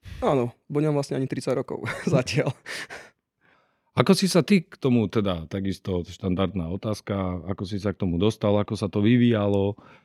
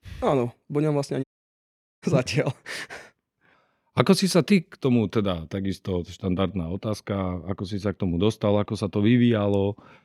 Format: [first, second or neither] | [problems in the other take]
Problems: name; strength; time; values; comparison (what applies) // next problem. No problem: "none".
first | audio cutting out; at 1 s for 1 s